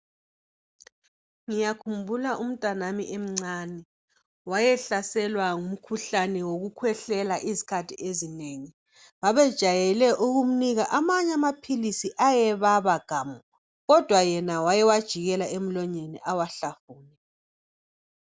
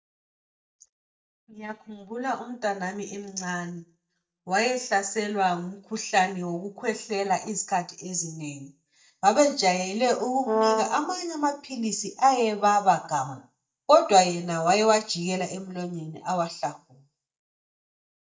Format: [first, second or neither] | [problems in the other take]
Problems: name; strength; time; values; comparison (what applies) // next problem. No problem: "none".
first | noise reduction (neural mask model DeepFilterNet 3)